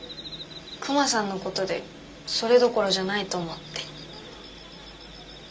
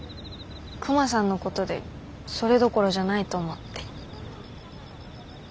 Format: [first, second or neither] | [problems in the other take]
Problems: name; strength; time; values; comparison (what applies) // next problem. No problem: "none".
second | room echo; dies away in 0.2 s